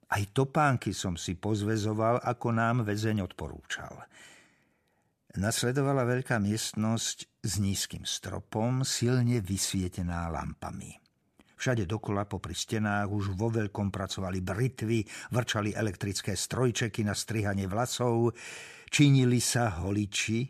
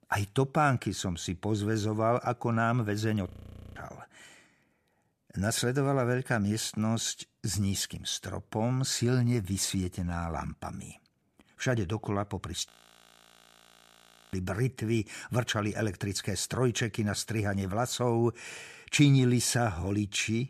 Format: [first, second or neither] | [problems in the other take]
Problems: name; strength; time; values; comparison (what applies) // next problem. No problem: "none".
first | audio freezing; at 3.5 s and at 13 s for 1.5 s